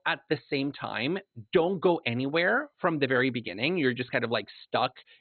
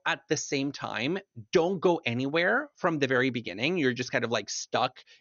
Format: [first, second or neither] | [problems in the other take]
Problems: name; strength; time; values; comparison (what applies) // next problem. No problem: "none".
second | garbled, watery; badly; nothing above 4 kHz; slightly in the second